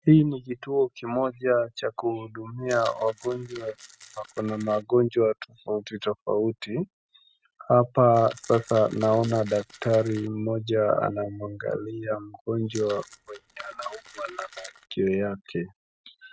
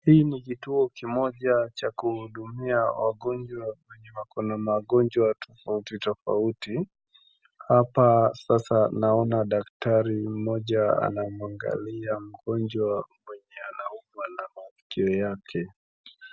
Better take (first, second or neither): second